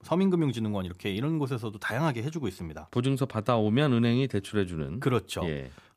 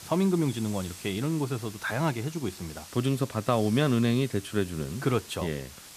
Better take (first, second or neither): first